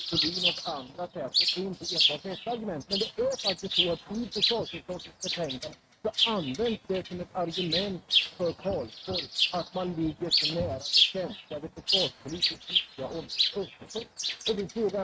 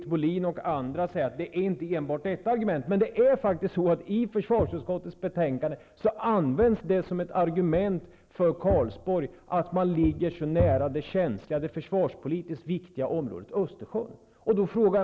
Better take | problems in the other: second | noise reduction (neural mask model RNNoise)

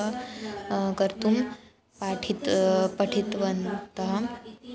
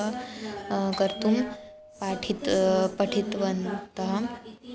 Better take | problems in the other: first | background sound (Bell); 16 dB below the speech

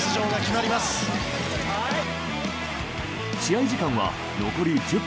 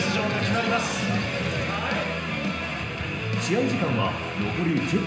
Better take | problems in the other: first | room echo; dies away in 0.9 s

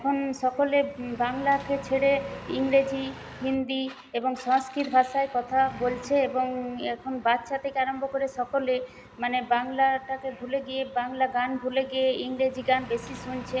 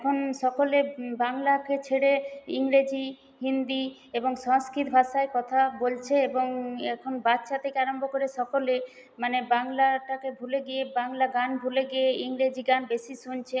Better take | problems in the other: second | background sound (Engine); 18 dB below the speech

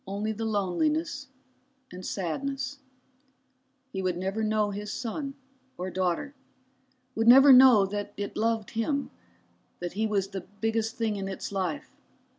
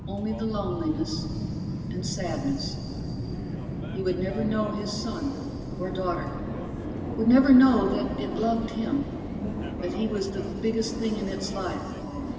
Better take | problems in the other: first | background sound (Subway, metro, underground); 5 dB below the speech // room echo; dies away in 2.6 s

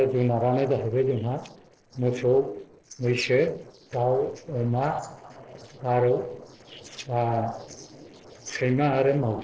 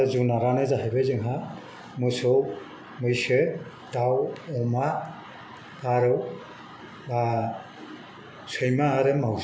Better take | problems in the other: second | noise reduction (neural separator model SepFormer DNS4)

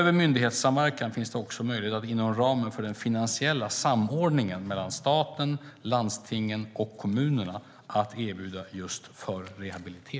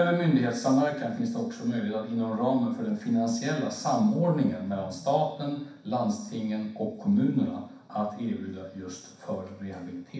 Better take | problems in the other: first | room echo; dies away in 0.6 s

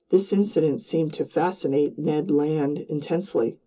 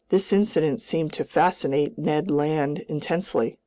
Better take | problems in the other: second | room echo; dies away in 0.2 s

